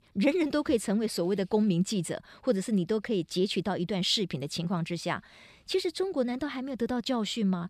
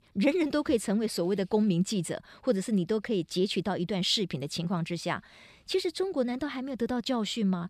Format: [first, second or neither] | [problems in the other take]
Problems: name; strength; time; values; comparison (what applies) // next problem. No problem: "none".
neither | none